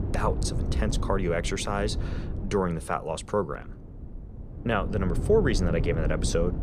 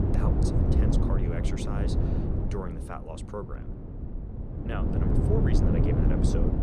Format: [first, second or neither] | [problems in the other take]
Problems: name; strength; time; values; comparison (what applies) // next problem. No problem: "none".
first | wind noise on the microphone; heavy; 4 dB above the speech; occasional gusts in the first